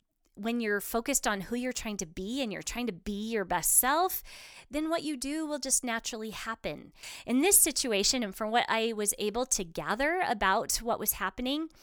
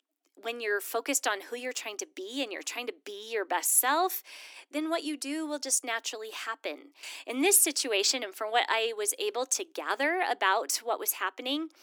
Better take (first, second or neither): first